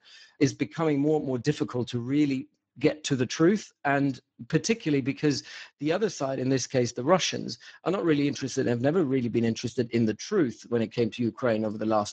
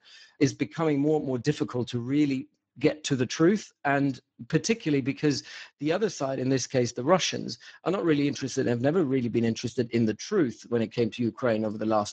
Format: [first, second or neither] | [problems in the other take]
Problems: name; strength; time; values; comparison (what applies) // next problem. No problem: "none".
neither | garbled, watery; badly; the same in both